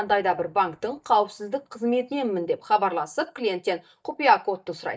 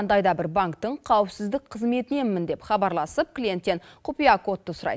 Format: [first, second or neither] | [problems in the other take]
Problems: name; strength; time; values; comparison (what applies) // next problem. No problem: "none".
second | noise reduction (neural mask model DeepFilterNet 3)